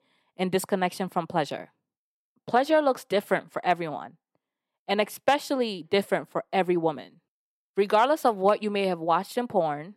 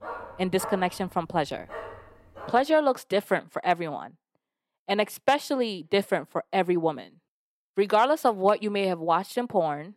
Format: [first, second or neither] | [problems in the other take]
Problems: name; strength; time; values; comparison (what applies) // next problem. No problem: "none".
first | dog barking; faint; until 2.5 s; peak 10 dB below the speech